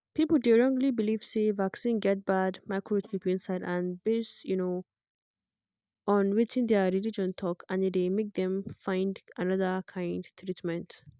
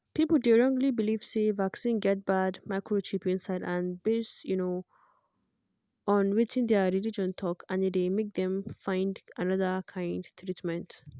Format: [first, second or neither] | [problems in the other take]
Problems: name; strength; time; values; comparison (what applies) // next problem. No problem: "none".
second | noise reduction (neural mask model DeepFilterNet 3)